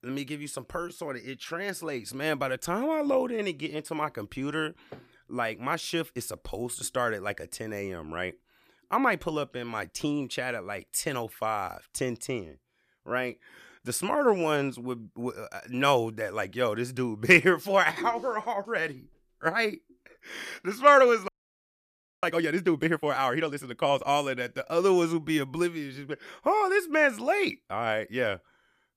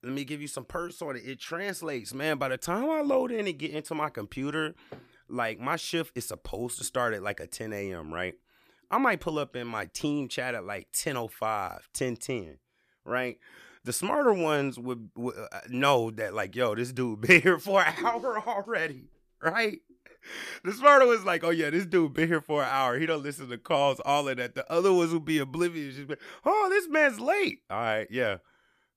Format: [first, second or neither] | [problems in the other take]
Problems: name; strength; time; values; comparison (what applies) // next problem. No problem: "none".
second | audio freezing; at 21 s for 1 s